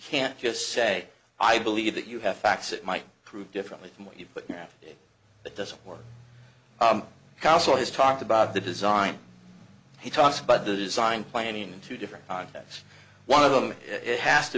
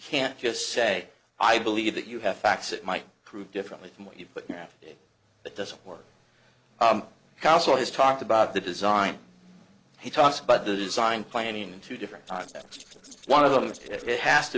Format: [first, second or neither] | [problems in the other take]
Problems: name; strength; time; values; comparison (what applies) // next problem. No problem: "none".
first | noise reduction (neural separator model SepFormer DNS4)